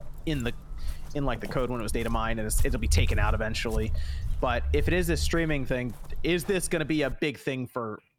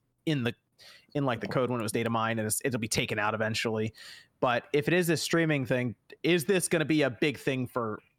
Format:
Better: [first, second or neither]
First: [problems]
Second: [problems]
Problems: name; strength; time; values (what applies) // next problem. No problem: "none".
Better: second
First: footsteps; loud; until 7 s; peak 2 dB above the speech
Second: none